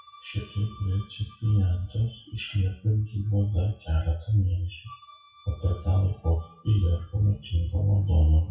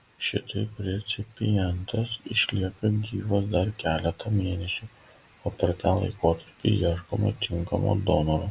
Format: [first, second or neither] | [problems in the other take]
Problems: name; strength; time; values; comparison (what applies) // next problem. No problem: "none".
second | noise reduction (classical method WPE with log-MMSE)